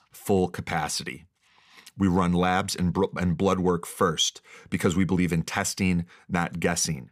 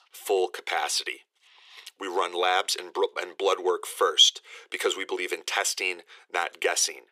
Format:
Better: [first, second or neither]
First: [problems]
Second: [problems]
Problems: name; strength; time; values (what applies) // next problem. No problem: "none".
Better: first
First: none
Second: thin; very; fading below 350 Hz